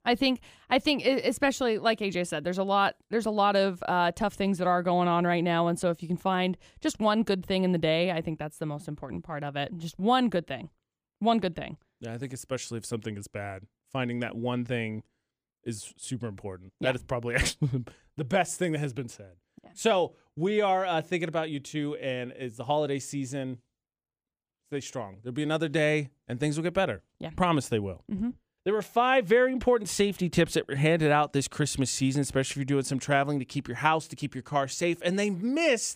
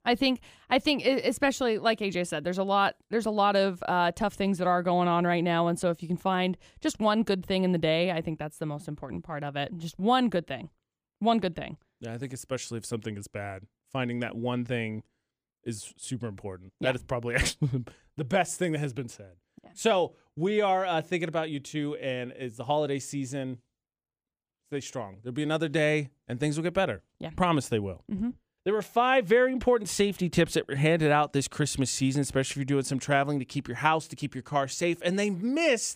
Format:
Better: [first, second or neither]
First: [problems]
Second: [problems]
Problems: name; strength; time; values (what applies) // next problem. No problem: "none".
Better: neither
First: none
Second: none